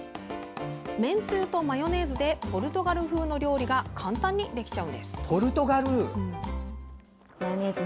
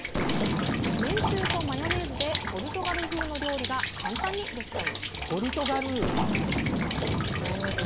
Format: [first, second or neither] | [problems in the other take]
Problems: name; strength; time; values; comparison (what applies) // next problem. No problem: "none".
first | background sound (Rain + Boom); 3 dB above the speech